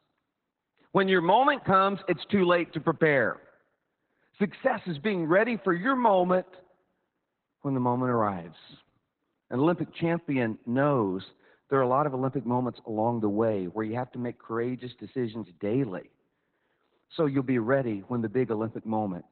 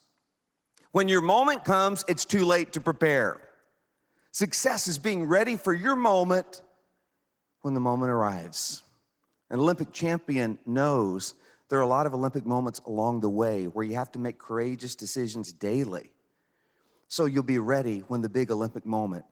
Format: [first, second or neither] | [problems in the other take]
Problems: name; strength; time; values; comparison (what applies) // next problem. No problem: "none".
second | garbled, watery; badly; nothing above 4 kHz; slightly in the second